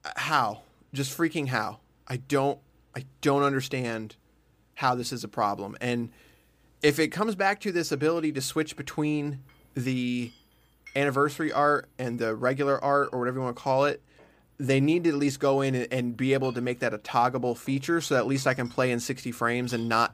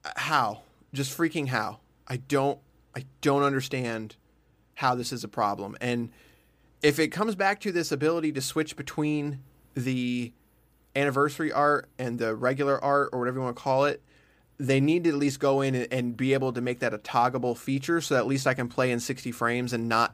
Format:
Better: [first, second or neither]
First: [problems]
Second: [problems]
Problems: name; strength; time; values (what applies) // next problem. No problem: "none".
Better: second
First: household noises; faint; throughout; 25 dB below the speech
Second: none